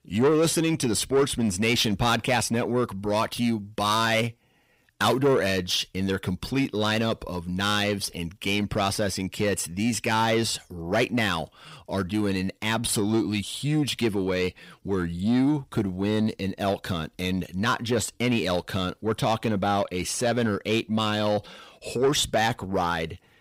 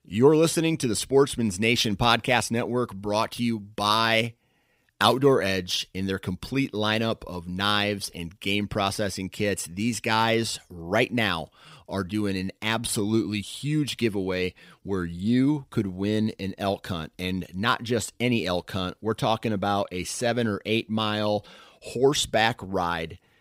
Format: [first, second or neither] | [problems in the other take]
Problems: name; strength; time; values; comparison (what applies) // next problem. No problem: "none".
second | distortion; slight; 10 dB below the speech